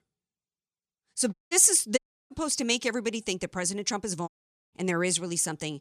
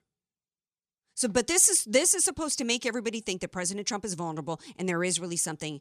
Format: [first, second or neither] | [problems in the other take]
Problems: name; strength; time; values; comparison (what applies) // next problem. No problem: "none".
second | audio cutting out; at 1.5 s, at 2 s and at 4.5 s